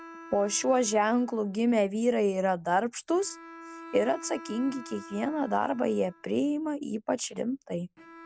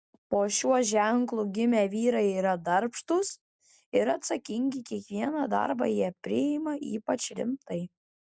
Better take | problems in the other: second | background sound (Bowed string instrument); 20 dB below the speech

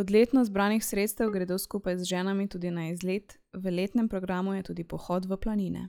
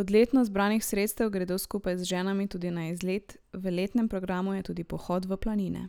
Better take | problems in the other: second | noise reduction (classical method log-MMSE)

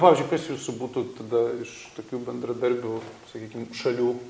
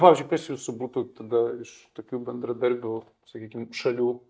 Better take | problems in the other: first | noise reduction (neural mask model DeepFilterNet 3)

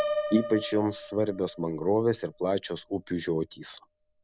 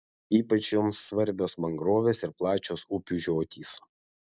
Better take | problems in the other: second | background sound (Piano); 9 dB below the speech

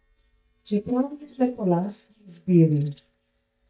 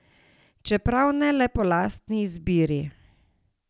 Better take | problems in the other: second | noise reduction (neural mask model DeepFilterNet 3)

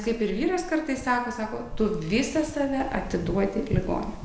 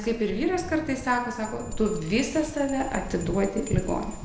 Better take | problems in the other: first | background sound (Thunder + Bell); 17 dB below the speech

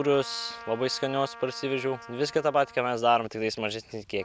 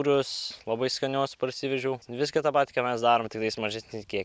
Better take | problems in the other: second | background sound (Trumpet); 18 dB below the speech

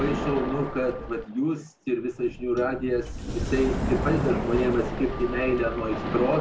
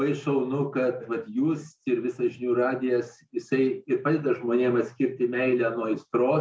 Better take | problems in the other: second | background sound (Sliding door + Splash, splatter); 4 dB below the speech

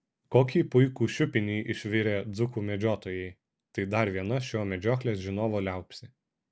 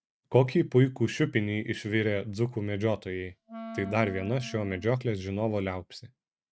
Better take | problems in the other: first | noise reduction (neural mask model RNNoise)

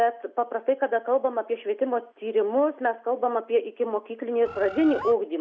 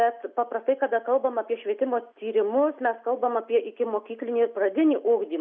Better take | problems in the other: second | background sound (Bird); 11 dB below the speech

